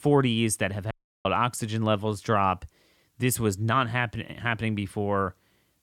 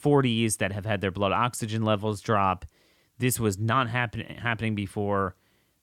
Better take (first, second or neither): second